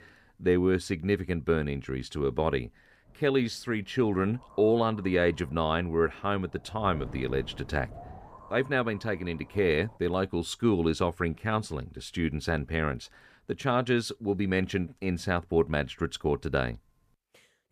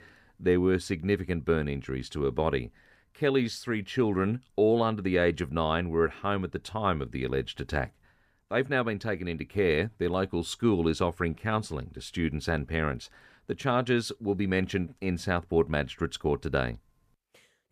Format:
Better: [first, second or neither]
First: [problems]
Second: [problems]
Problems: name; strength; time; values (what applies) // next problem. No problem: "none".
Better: second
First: wind noise on the microphone; occasional gusts; from 3 to 10 s; 20 dB below the speech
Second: none